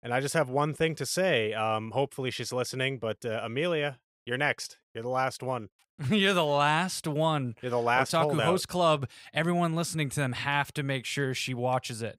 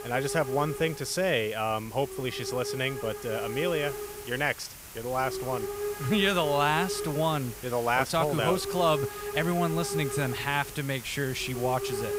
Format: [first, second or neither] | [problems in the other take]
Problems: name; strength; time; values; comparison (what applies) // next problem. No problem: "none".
first | hiss; loud; throughout; 7 dB below the speech